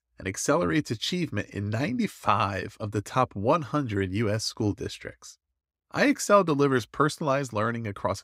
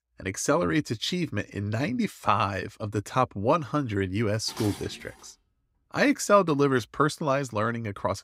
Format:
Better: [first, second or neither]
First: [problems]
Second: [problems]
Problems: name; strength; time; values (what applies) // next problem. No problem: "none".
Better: first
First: none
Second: clattering dishes; faint; at 4.5 s; peak 10 dB below the speech